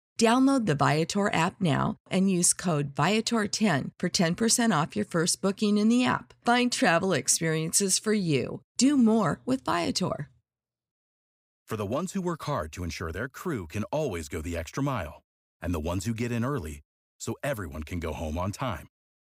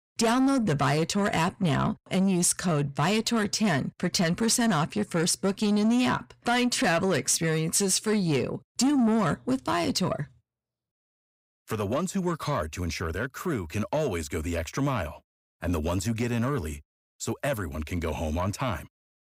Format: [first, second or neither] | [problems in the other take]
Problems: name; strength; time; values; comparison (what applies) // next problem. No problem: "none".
first | distortion; slight; 10 dB below the speech